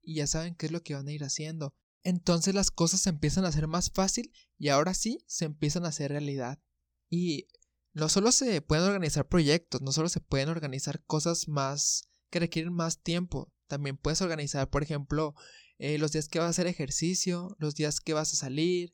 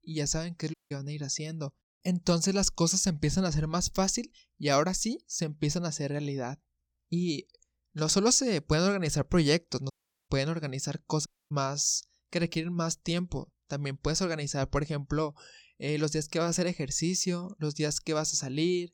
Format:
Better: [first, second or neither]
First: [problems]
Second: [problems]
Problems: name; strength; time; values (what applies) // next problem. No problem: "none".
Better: first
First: none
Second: audio cutting out; at 0.5 s, at 10 s and at 11 s